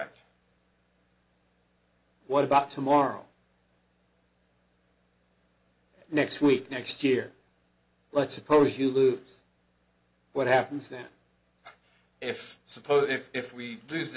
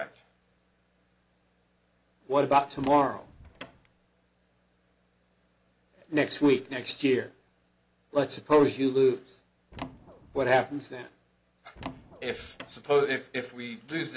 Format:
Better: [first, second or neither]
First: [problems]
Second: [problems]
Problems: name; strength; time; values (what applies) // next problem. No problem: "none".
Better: first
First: none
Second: background sound (Door); 16 dB below the speech